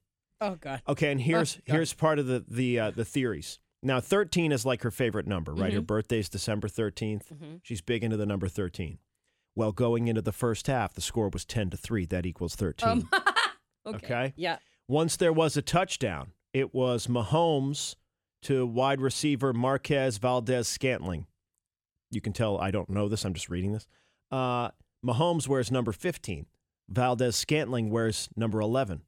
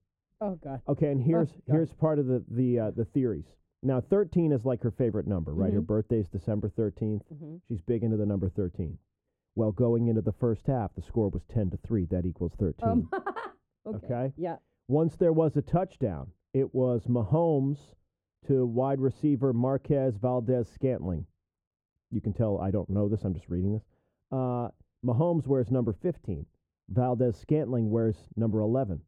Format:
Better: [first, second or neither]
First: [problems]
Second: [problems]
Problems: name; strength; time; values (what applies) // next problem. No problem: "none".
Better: first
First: none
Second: muffled; very; fading above 1.5 kHz